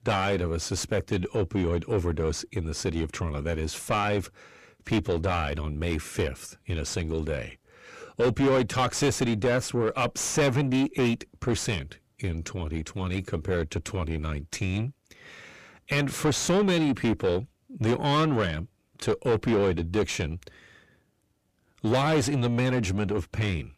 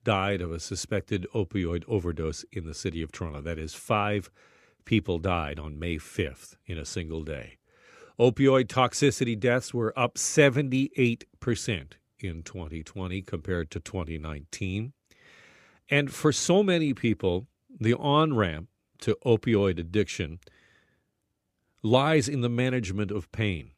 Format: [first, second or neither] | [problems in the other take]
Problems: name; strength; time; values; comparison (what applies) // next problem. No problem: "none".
second | distortion; heavy; 4 dB below the speech